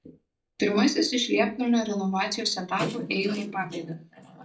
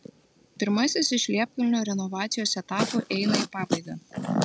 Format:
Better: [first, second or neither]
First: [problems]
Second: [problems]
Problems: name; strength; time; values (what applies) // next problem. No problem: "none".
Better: second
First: noise reduction (neural mask model DeepFilterNet 3)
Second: none